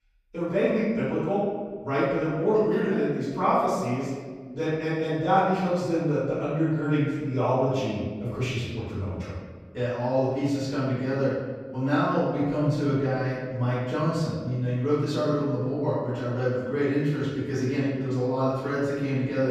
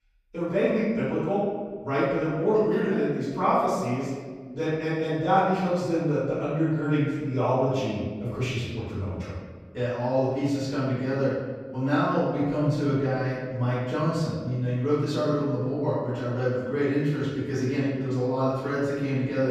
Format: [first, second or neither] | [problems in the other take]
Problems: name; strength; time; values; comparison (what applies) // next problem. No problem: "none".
neither | off-mic speech; far; the same in both // room echo; strong; dies away in 1.4 s; the same in both